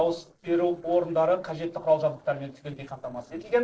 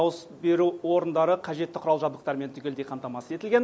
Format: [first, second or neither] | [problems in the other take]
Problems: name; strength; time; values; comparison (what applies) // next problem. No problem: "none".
second | noise reduction (neural separator model SepFormer DNS4)